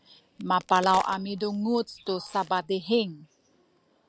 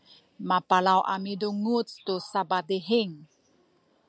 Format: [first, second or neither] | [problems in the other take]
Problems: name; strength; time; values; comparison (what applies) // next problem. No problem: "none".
second | background sound (Crack); 17 dB below the speech